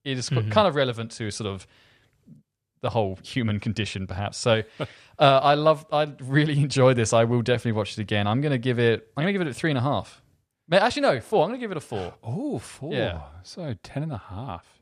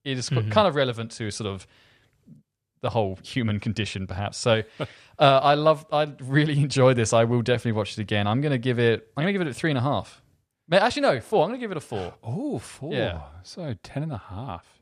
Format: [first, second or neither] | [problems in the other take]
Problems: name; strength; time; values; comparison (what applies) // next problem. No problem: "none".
neither | none